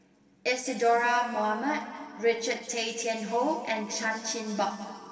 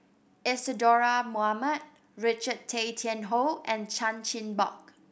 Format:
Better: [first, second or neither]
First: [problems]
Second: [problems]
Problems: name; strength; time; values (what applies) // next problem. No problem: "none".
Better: second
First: room echo; dies away in 2.5 s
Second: none